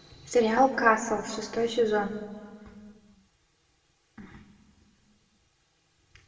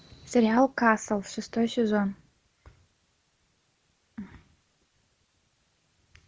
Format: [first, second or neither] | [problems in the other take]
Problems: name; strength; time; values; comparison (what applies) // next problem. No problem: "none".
second | room echo; dies away in 1.5 s